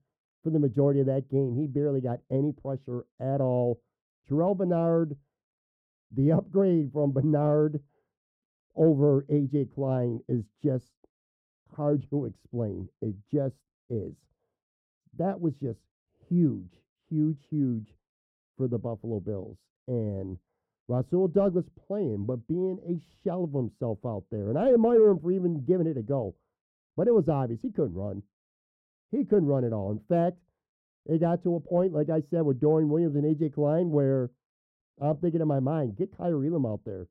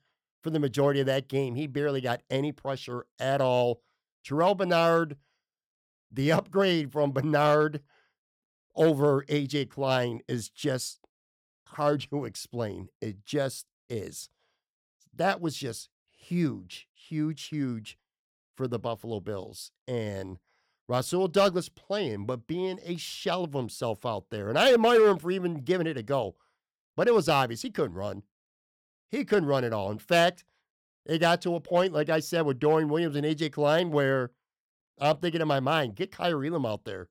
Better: second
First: muffled; very; fading above 1 kHz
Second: none

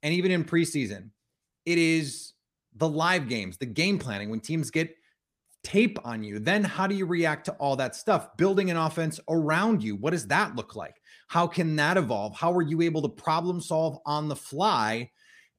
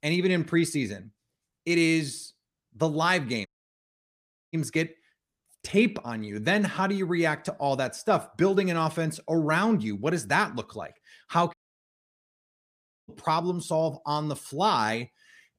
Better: first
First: none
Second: audio cutting out; at 3.5 s for 1 s and at 12 s for 1.5 s

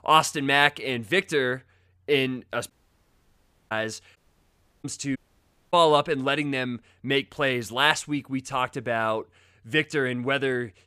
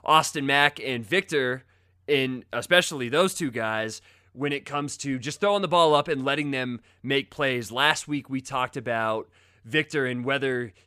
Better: second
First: audio cutting out; at 2.5 s for 1 s, at 4 s for 0.5 s and at 5 s for 0.5 s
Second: none

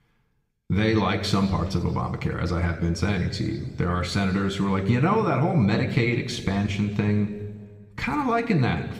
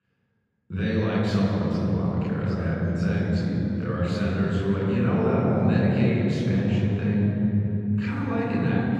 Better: first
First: room echo; slight; dies away in 1.4 s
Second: room echo; strong; dies away in 3 s // off-mic speech; far

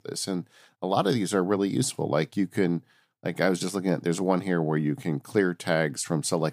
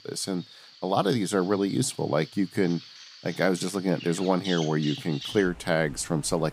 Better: first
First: none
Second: animal sounds; noticeable; throughout; 15 dB below the speech

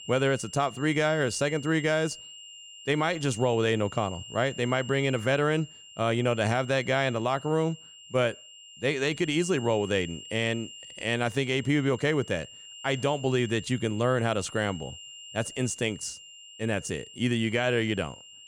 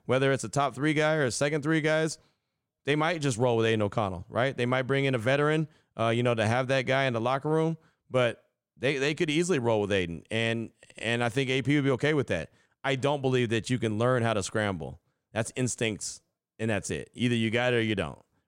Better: second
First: high-pitched whine; noticeable; throughout; 3 kHz, 15 dB below the speech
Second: none

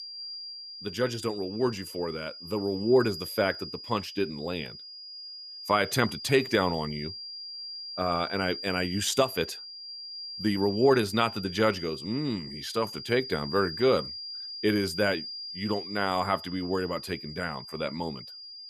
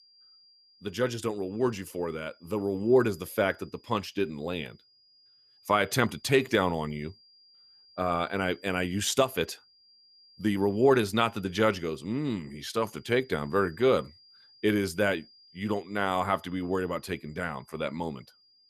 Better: second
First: high-pitched whine; loud; throughout; 5 kHz, 9 dB below the speech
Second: high-pitched whine; faint; throughout; 5 kHz, 30 dB below the speech

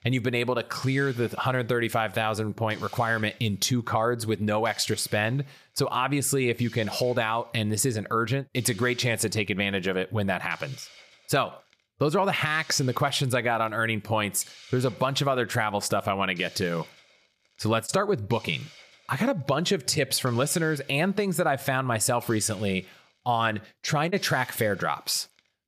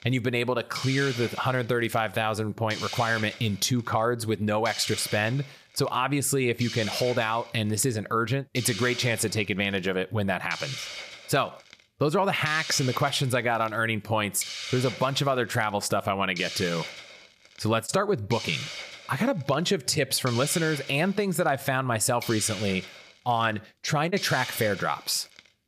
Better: first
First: hiss; faint; throughout; 20 dB below the speech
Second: hiss; loud; throughout; 10 dB below the speech

